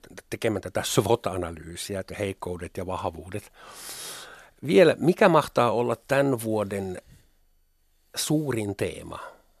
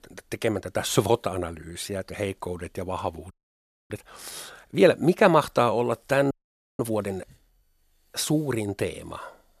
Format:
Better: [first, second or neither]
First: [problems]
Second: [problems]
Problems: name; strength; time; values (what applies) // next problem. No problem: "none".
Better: first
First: none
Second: audio freezing; at 3.5 s for 0.5 s and at 6.5 s